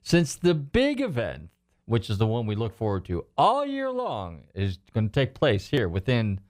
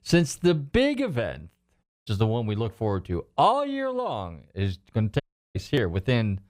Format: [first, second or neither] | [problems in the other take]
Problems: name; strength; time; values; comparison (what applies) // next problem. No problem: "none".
first | audio cutting out; at 2 s and at 5 s